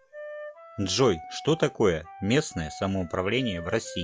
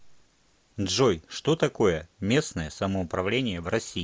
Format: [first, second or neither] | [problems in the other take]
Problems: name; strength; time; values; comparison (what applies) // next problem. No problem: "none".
second | noise reduction (classical method log-MMSE)